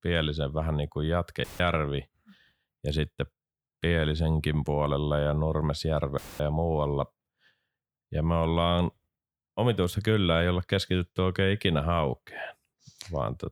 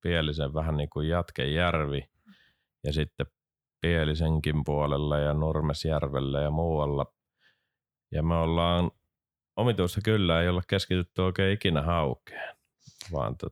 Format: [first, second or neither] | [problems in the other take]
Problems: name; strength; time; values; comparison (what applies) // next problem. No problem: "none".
second | audio cutting out; filled with static; at 1.5 s and at 6 s